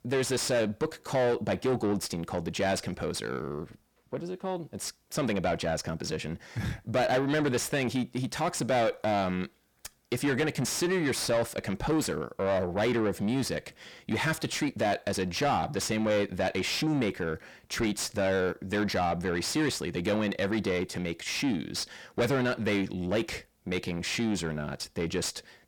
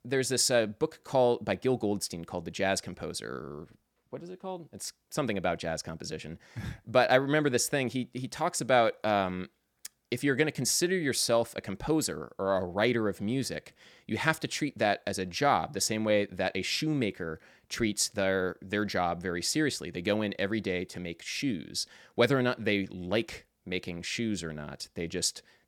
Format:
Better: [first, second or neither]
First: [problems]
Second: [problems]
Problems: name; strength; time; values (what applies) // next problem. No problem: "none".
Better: second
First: distortion; heavy; 7 dB below the speech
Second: none